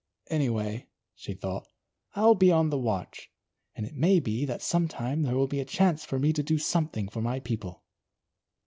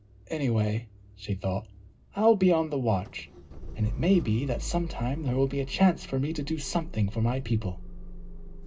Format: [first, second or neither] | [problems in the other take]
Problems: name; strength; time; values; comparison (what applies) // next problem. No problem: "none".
first | background sound (Idling / Engine starting / Motor vehicle (road)); 11 dB below the speech // room echo; dies away in 0.2 s